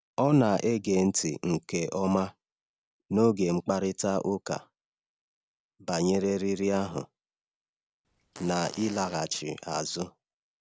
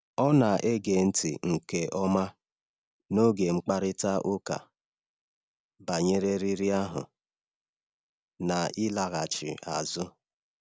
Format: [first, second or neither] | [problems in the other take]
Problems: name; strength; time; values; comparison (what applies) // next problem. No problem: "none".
second | background sound (Fart); 18 dB below the speech